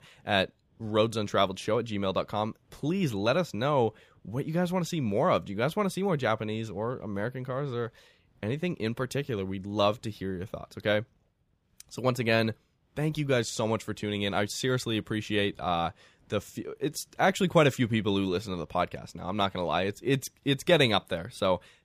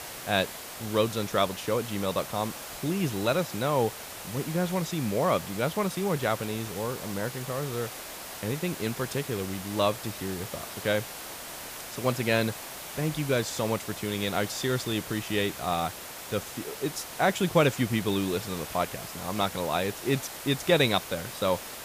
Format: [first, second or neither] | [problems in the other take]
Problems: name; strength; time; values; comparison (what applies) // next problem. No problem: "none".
first | hiss; loud; throughout; 9 dB below the speech